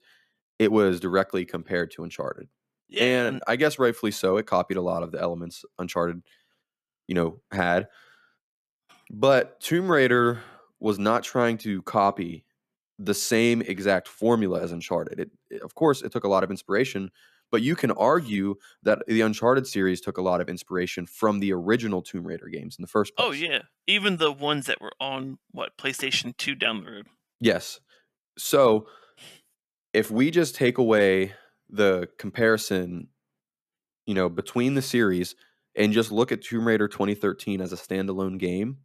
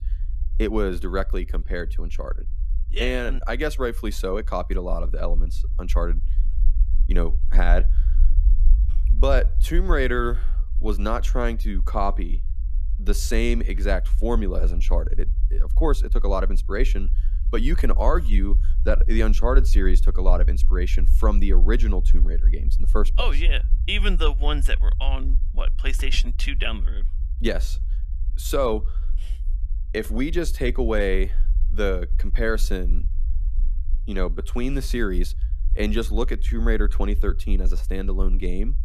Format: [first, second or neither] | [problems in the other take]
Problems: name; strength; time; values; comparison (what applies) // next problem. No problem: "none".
first | low rumble; faint; throughout; 20 dB below the speech